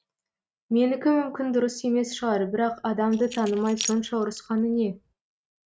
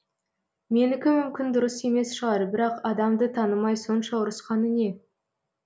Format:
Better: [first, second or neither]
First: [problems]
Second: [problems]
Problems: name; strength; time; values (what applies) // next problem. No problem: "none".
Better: second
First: noise reduction (neural mask model RNNoise)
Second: none